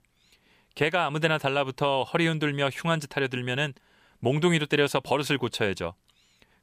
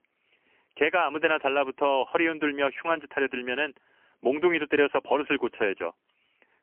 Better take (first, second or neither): first